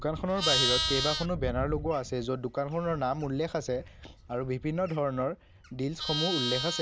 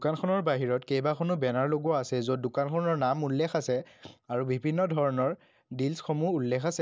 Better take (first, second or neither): second